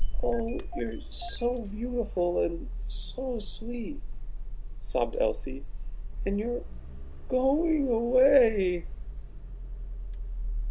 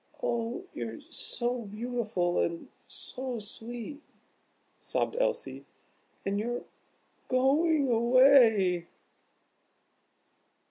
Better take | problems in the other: second | background sound (Engine starting / Car); 3 dB below the speech

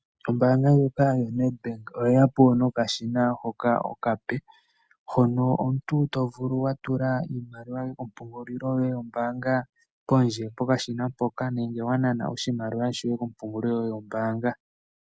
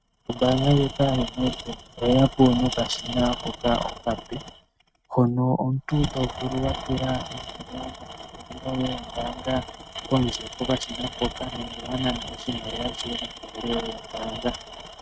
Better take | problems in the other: first | noise reduction (neural mask model RNNoise)

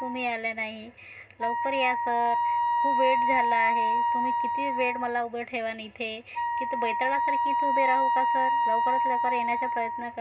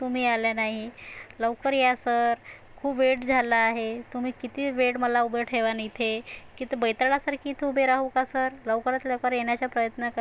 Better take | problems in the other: second | background sound (Wind instrument, woodwind instrument); 4 dB above the speech // room echo; dies away in 0.2 s

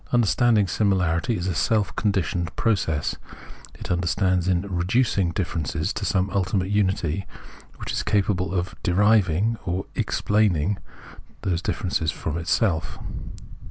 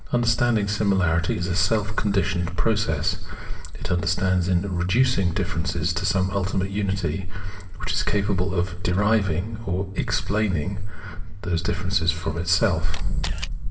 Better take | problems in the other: first | background sound (Camera); 17 dB below the speech // room echo; dies away in 2.5 s

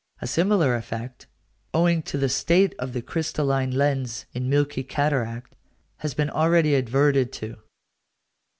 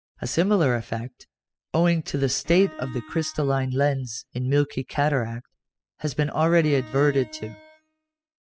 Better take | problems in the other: first | noise reduction (classical method spectral subtraction)

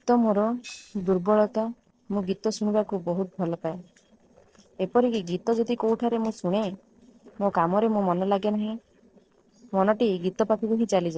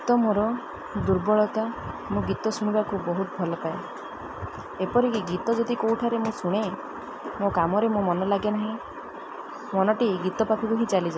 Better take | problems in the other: second | noise reduction (neural separator model SepFormer DNS4)

